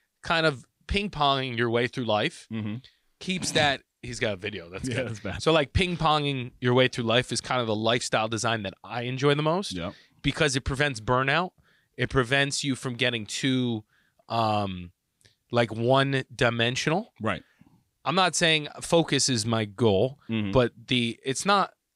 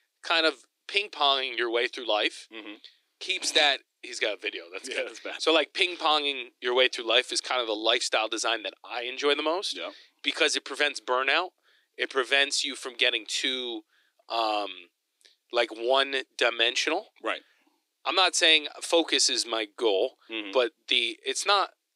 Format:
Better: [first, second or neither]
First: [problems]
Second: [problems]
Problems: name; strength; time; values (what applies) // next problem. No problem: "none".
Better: first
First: none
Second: thin; very; fading below 300 Hz